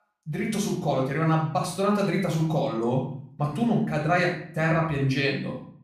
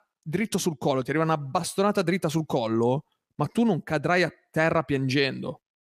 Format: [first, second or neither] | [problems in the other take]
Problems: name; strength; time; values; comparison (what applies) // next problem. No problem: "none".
second | off-mic speech; far // room echo; noticeable; dies away in 0.5 s